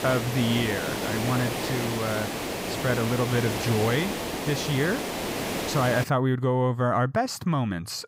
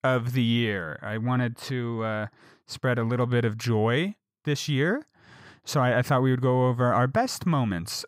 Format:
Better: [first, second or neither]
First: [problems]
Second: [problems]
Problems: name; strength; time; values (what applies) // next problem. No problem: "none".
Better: second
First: hiss; loud; until 6 s; 3 dB below the speech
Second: none